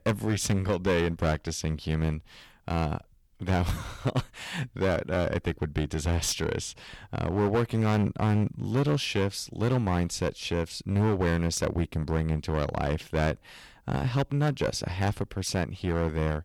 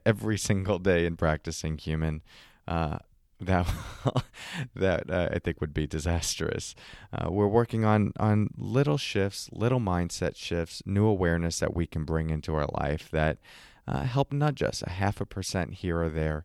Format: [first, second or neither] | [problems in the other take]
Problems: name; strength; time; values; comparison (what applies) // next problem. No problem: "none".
second | distortion; slight; 9% of the sound clipped